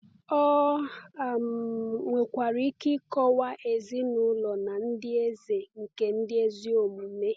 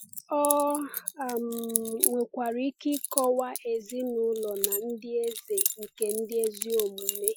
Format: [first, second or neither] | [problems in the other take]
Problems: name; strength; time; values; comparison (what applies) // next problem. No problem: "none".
first | noise reduction (classical method Wiener filter)